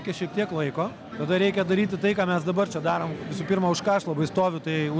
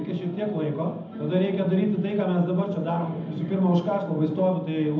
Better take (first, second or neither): first